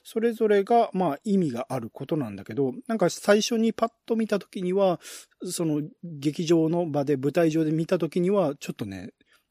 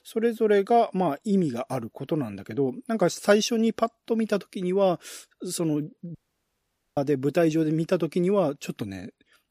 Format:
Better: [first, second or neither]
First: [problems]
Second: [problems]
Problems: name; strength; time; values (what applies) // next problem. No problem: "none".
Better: first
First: none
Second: audio cutting out; at 6 s for 1 s